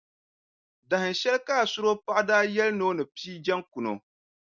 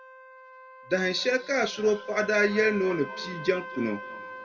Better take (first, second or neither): first